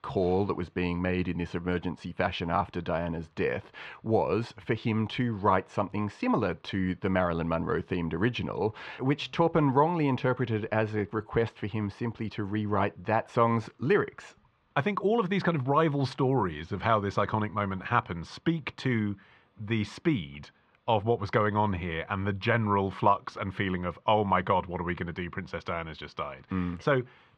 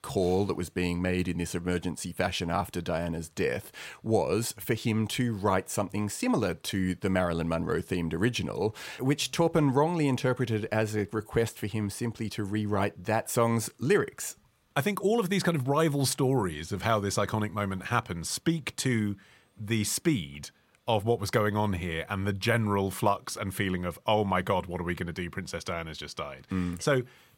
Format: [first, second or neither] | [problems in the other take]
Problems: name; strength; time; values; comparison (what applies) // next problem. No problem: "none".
second | muffled; slightly; fading above 3.5 kHz